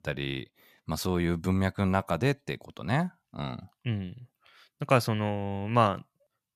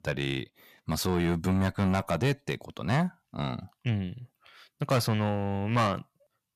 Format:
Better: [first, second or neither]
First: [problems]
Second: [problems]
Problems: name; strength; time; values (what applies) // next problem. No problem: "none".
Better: first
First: none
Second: distortion; heavy; 8 dB below the speech